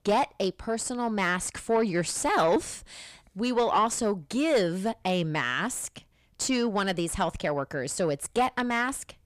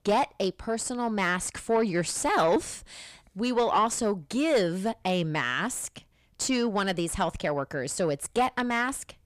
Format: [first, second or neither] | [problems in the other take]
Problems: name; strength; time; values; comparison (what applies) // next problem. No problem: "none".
neither | distortion; slight; 10 dB below the speech; the same in both